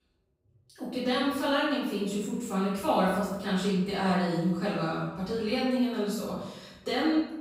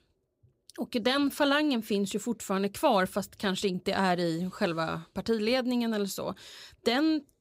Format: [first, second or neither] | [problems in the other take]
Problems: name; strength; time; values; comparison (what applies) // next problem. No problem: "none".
second | off-mic speech; far // room echo; strong; dies away in 0.8 s